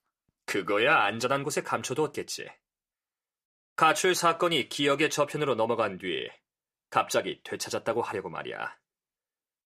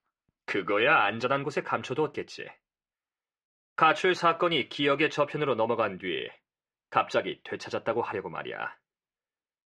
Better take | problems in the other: first | muffled; slightly; fading above 3 kHz

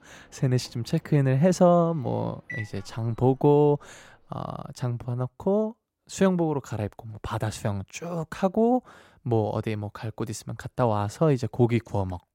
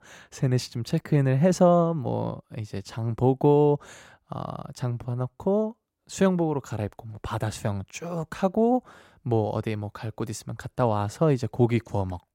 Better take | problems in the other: second | household noises; noticeable; until 4.5 s; 20 dB below the speech

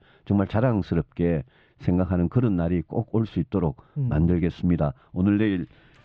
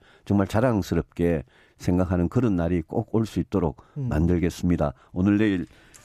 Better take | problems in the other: second | muffled; slightly; fading above 3.5 kHz

